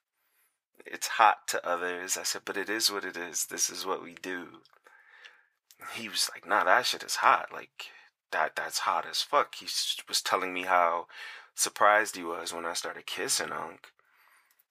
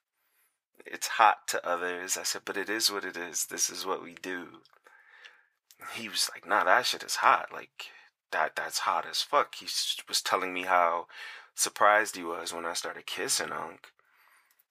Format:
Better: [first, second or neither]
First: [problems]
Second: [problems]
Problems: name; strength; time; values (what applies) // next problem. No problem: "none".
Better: neither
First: thin; very; fading below 900 Hz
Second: thin; very; fading below 900 Hz